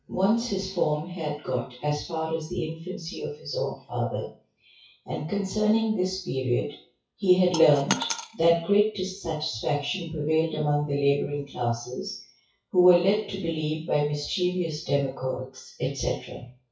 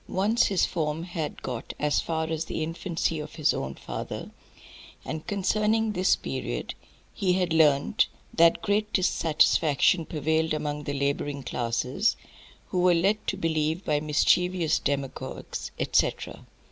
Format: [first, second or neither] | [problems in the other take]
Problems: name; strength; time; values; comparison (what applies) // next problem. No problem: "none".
second | noise reduction (classical method WPE with log-MMSE)